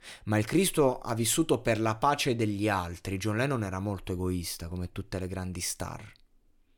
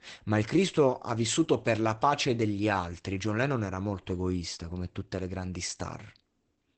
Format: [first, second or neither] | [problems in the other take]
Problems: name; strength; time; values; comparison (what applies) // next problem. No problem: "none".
first | garbled, watery; badly; nothing above 8 kHz